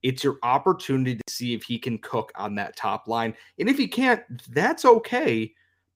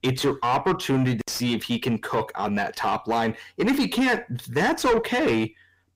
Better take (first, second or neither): first